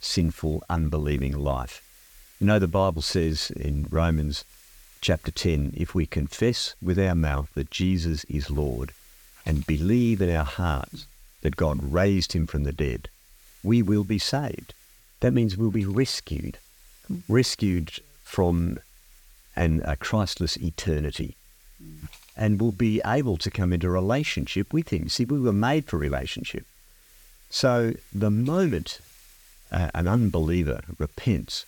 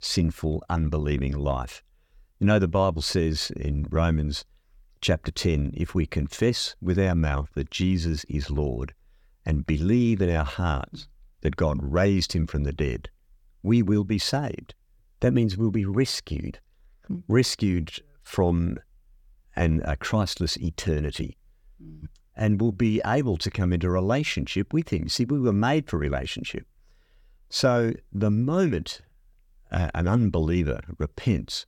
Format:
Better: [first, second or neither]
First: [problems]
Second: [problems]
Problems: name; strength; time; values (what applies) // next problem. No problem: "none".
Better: second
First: hiss; faint; throughout; 25 dB below the speech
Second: none